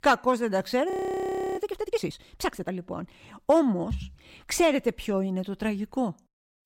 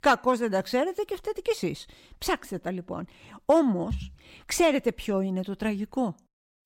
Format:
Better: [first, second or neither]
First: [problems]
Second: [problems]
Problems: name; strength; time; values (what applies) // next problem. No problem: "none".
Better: second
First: audio freezing; at 1 s for 0.5 s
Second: none